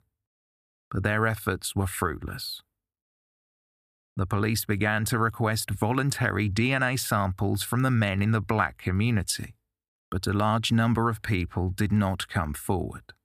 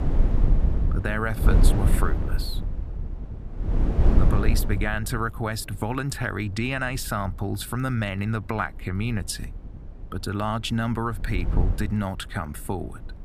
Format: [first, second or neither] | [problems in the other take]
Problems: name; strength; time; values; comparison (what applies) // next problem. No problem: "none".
first | wind noise on the microphone; heavy; 7 dB below the speech